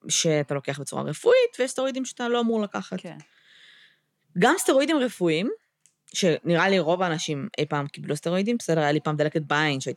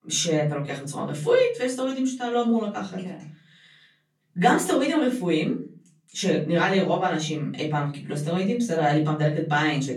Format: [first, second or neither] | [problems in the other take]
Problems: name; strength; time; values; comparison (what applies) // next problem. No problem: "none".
first | off-mic speech; far // room echo; slight; dies away in 0.6 s